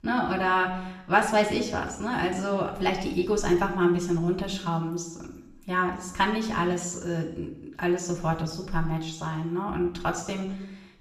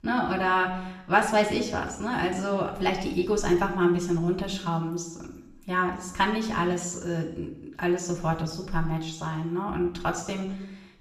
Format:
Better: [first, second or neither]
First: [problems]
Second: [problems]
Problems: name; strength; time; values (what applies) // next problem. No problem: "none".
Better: neither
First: room echo; noticeable; dies away in 0.7 s // off-mic speech; far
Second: room echo; noticeable; dies away in 0.7 s // off-mic speech; far